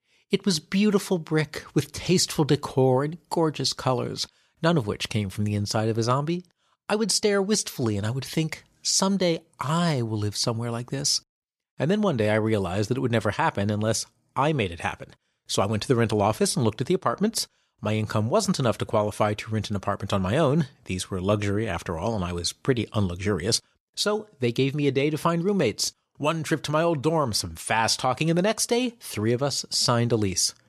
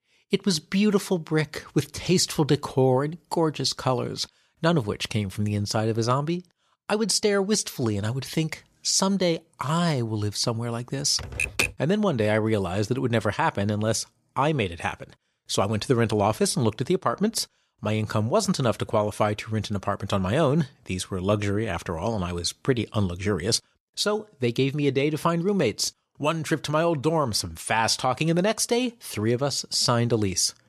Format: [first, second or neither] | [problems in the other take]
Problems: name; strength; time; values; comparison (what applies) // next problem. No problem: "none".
first | keyboard typing; loud; at 11 s; peak 1 dB above the speech